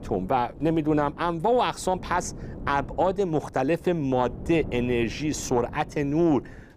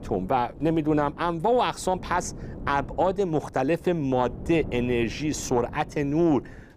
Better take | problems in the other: neither | wind noise on the microphone; occasional gusts; 20 dB below the speech; the same in both

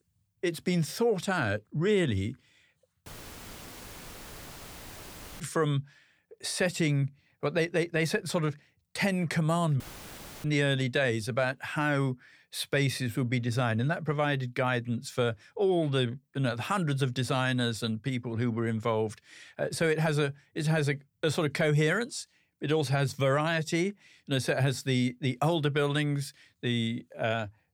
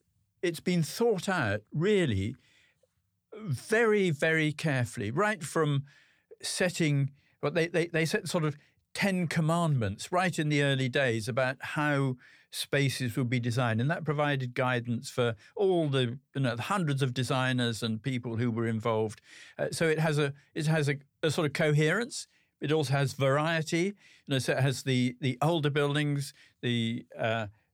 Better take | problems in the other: second | audio cutting out; filled with static; at 3 s for 2.5 s and at 10 s for 0.5 s

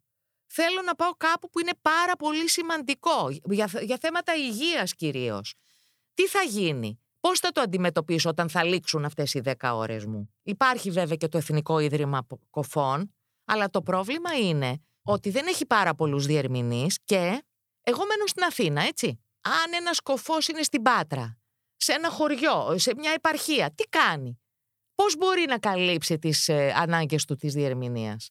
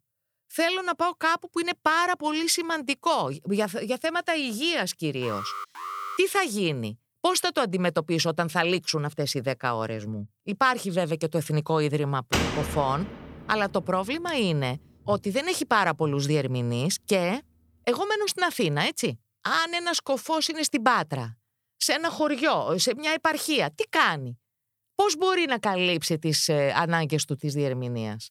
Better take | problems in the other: first | alarm; noticeable; at 5 s; peak 8 dB below the speech // door banging; noticeable; at 12 s; peak level with the speech

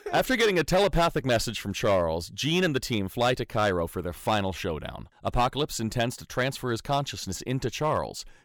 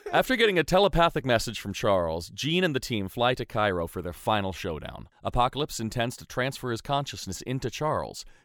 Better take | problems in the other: second | distortion; slight; 4% of the sound clipped

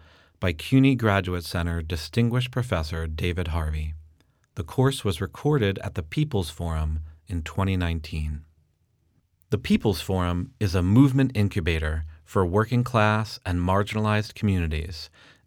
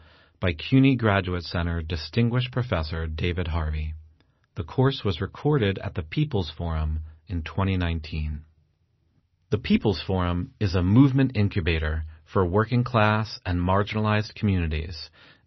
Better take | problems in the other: first | garbled, watery; slightly; nothing above 5.5 kHz

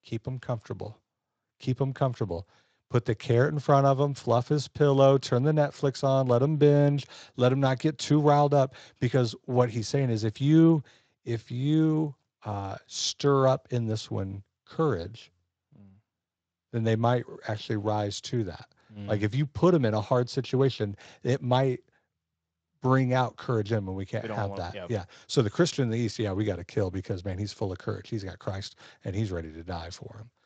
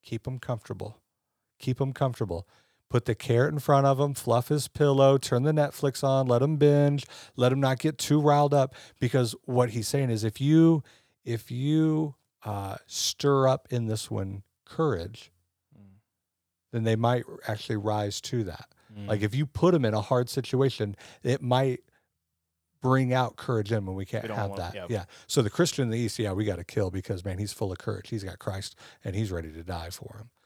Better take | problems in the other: second | garbled, watery; slightly; nothing above 7.5 kHz

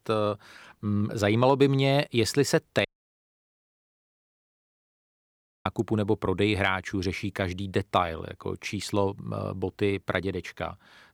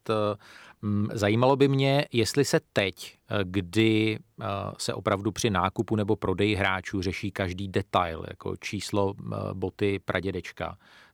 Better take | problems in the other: second | audio cutting out; at 3 s for 3 s

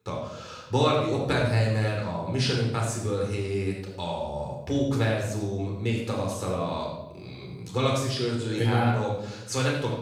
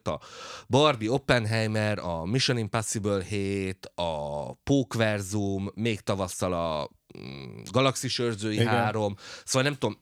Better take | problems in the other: second | off-mic speech; far // room echo; noticeable; dies away in 0.8 s

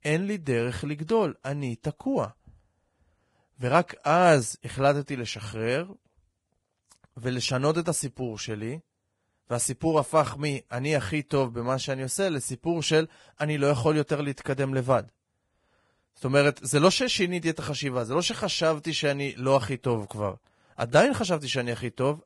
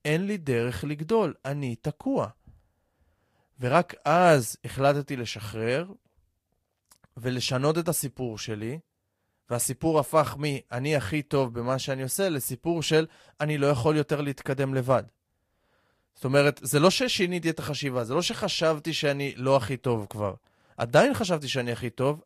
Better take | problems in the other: second | garbled, watery; badly; nothing above 10.5 kHz; slightly in the second

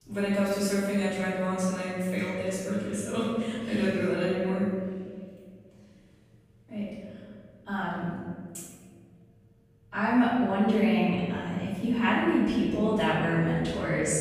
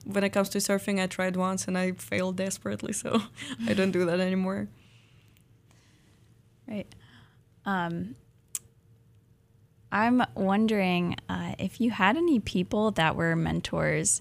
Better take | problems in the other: second | room echo; strong; dies away in 1.7 s // off-mic speech; far

